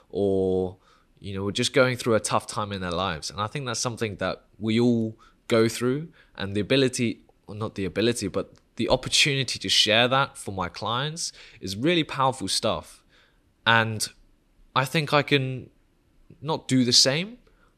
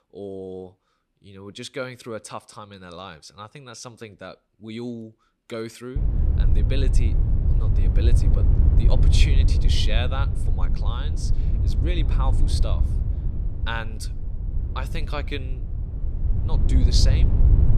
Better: first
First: none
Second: wind noise on the microphone; heavy; from 6 s on; 5 dB below the speech

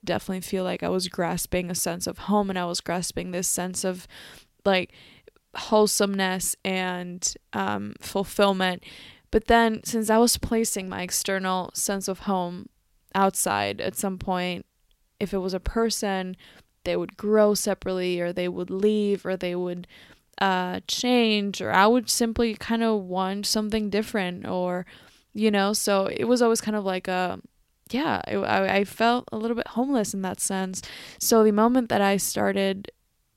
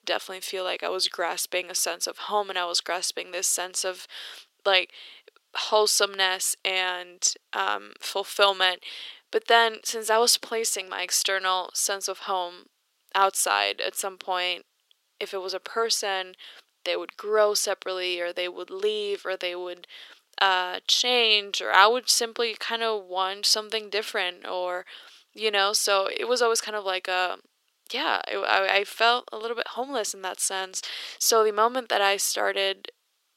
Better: first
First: none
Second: thin; very; fading below 400 Hz

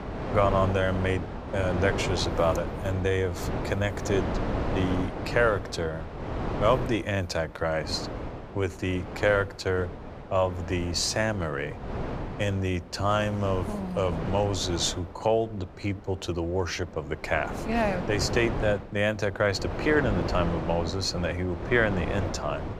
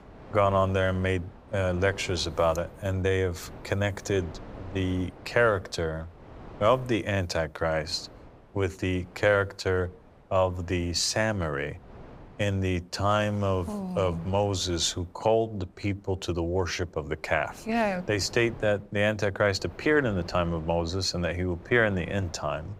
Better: second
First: wind noise on the microphone; heavy; 8 dB below the speech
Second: wind noise on the microphone; occasional gusts; 20 dB below the speech

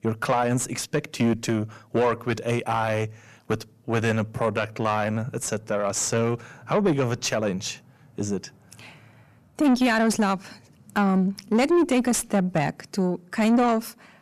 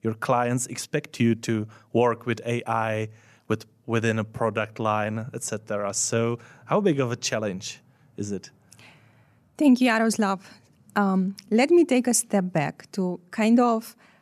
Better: second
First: distortion; slight; 10 dB below the speech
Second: none

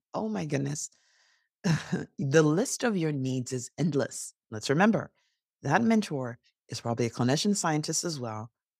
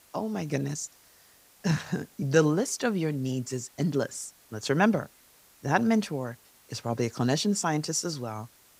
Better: first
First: none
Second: hiss; faint; throughout; 25 dB below the speech

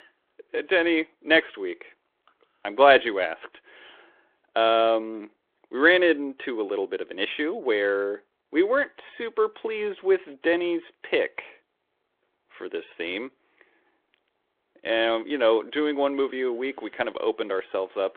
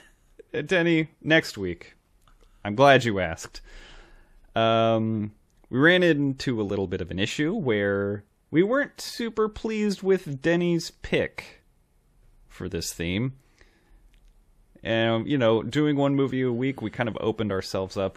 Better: second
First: phone-call audio; nothing above 3.5 kHz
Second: none

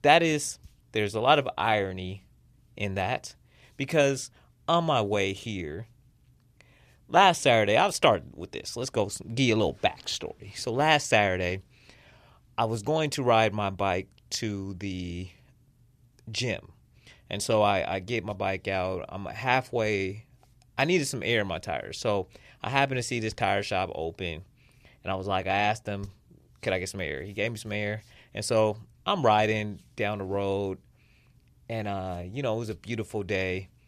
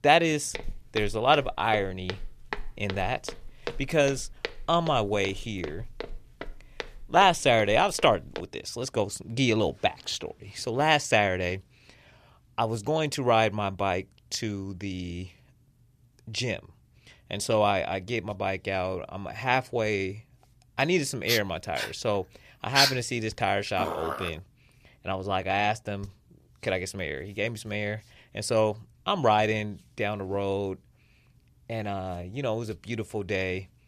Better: first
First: none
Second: footsteps; noticeable; from 0.5 to 8.5 s; peak 10 dB below the speech // dog barking; loud; from 21 to 24 s; peak 5 dB above the speech

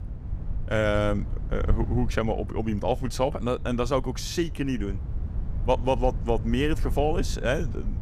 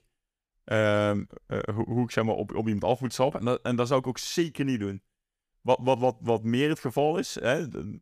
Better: second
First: wind noise on the microphone; occasional gusts; 20 dB below the speech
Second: none

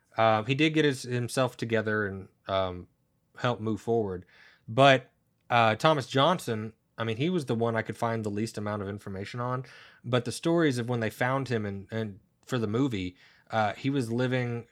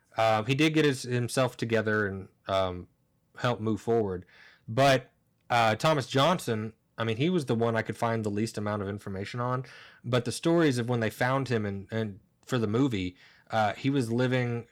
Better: first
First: none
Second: distortion; slight; 2% of the sound clipped

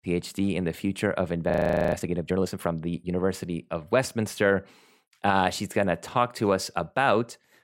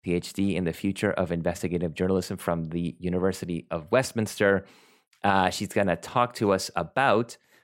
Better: second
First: audio freezing; at 1.5 s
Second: none

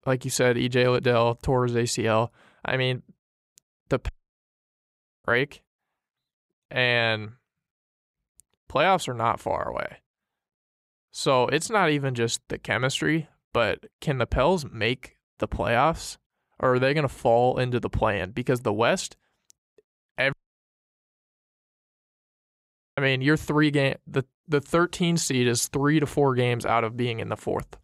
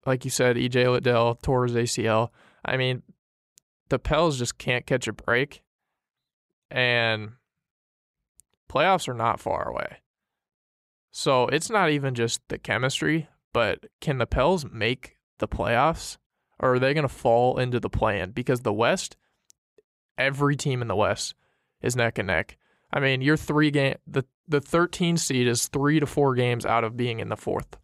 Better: second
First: audio cutting out; at 4 s for 1 s and at 20 s for 2.5 s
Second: none

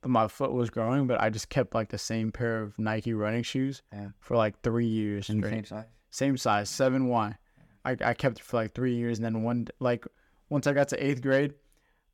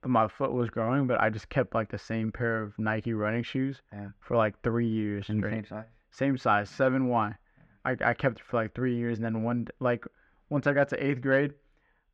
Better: first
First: none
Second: muffled; slightly; fading above 2.5 kHz

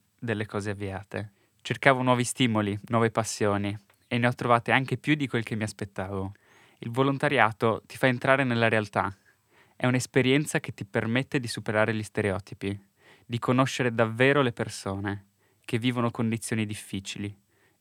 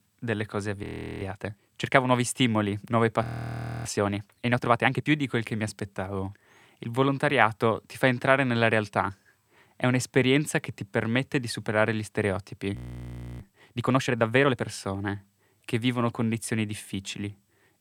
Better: first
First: none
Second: audio freezing; at 1 s, at 3 s for 0.5 s and at 13 s for 0.5 s

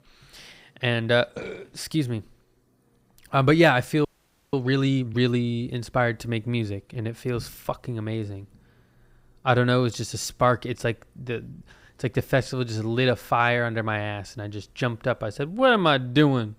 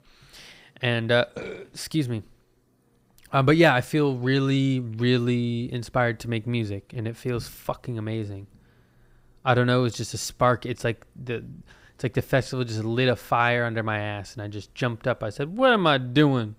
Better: second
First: audio freezing; at 4 s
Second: none

